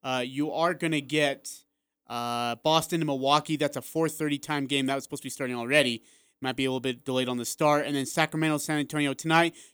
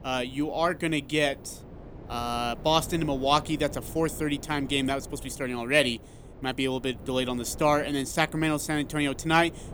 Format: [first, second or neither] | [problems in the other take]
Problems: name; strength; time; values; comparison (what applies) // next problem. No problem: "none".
first | wind noise on the microphone; occasional gusts; 20 dB below the speech